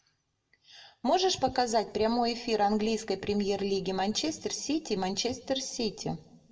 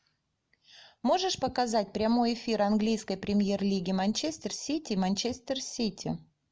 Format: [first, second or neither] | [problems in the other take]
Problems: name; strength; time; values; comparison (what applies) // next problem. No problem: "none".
second | room echo; dies away in 0.8 s